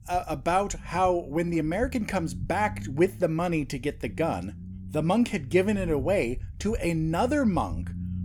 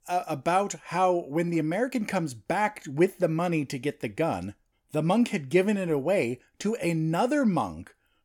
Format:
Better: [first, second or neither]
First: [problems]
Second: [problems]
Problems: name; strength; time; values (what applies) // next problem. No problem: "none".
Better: second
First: low rumble; faint; throughout; 25 dB below the speech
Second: none